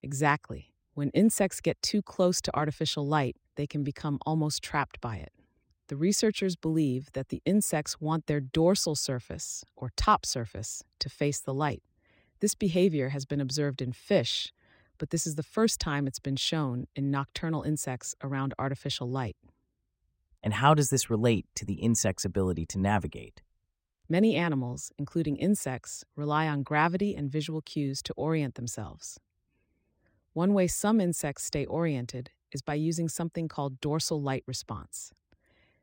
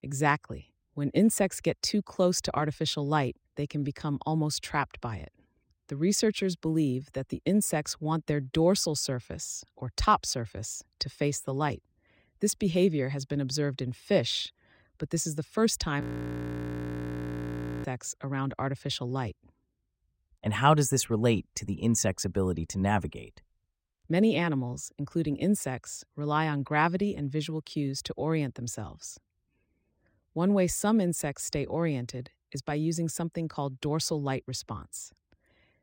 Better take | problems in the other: first | audio freezing; at 16 s for 2 s

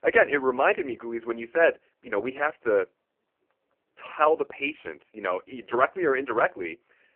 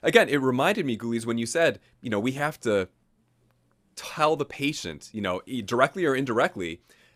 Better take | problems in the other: second | phone-call audio; poor line

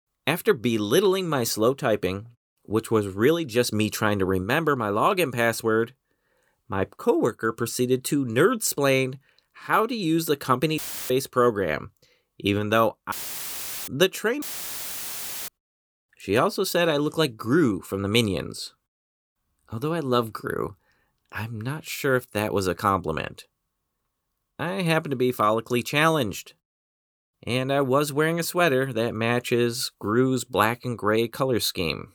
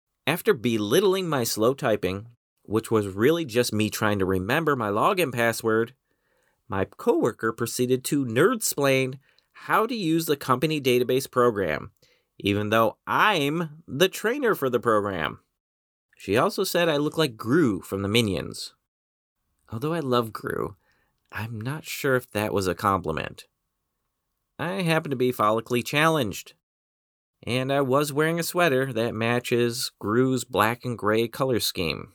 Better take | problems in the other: second | audio cutting out; filled with static; at 11 s, at 13 s for 1 s and at 14 s for 1 s

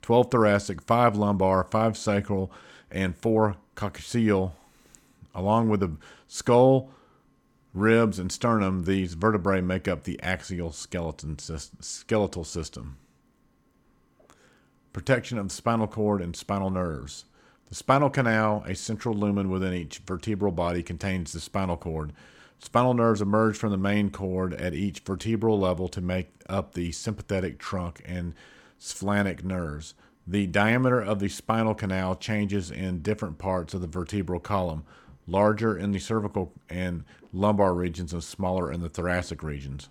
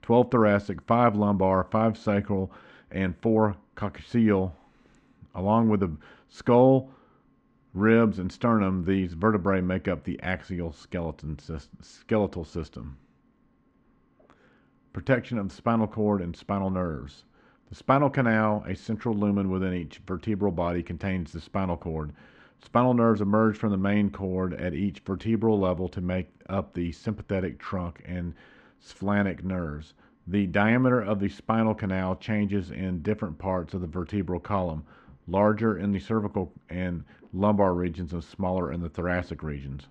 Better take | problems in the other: first | muffled; slightly; fading above 2.5 kHz

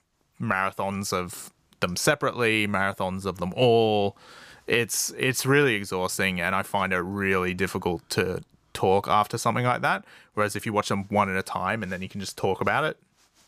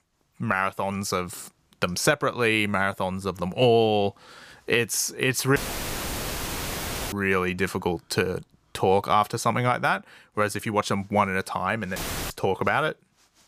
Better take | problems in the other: first | audio cutting out; filled with static; at 5.5 s for 1.5 s and at 12 s

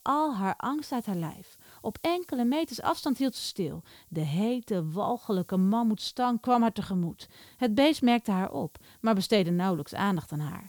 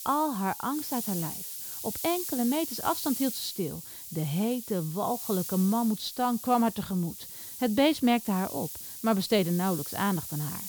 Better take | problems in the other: first | hiss; loud; throughout; 7 dB below the speech; faint in the first

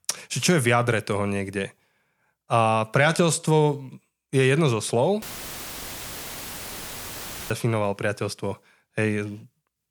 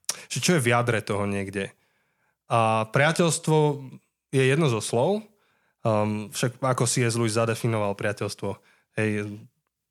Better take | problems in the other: second | audio cutting out; filled with static; at 5 s for 2.5 s

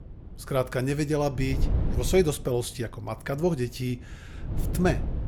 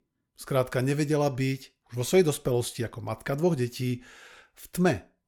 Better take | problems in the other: second | wind noise on the microphone; occasional gusts; 15 dB below the speech

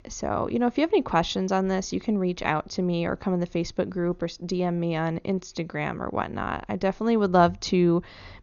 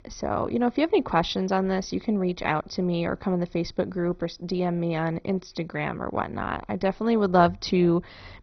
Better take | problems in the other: first | garbled, watery; badly; nothing above 6 kHz; slightly in the first

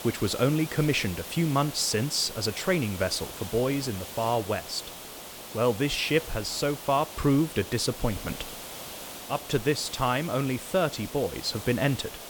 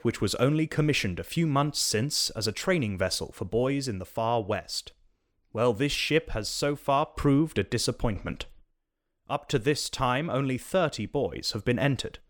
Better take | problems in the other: second | hiss; noticeable; throughout; 10 dB below the speech

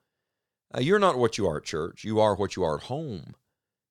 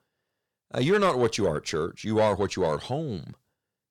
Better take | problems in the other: first | distortion; slight; 10 dB below the speech

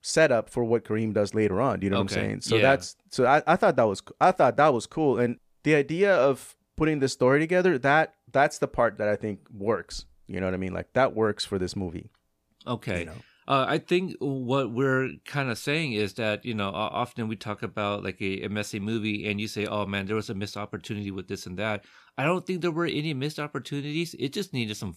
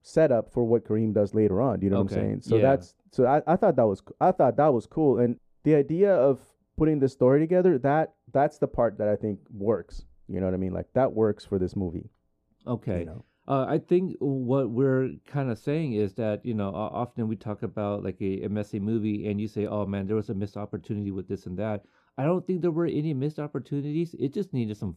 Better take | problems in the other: first | muffled; very; fading above 1 kHz

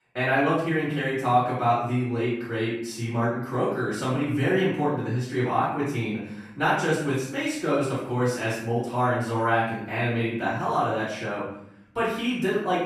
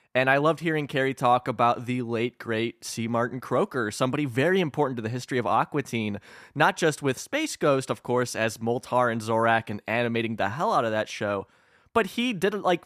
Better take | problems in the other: second | off-mic speech; far // room echo; noticeable; dies away in 0.7 s

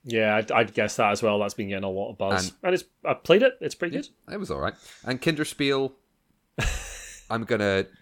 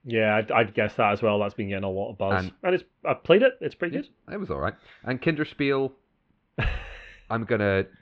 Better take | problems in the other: first | muffled; very; fading above 3 kHz

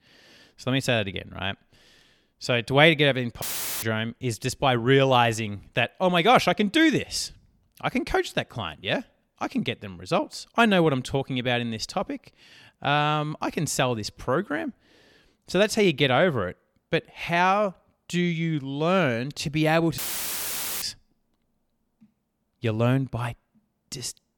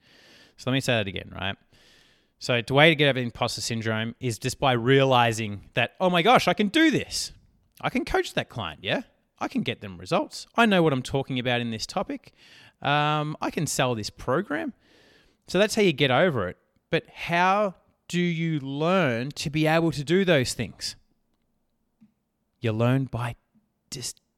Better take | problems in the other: second | audio cutting out; filled with static; at 3.5 s and at 20 s for 1 s

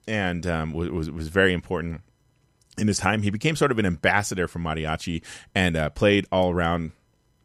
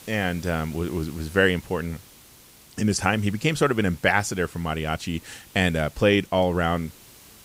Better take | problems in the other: first | hiss; faint; throughout; 25 dB below the speech

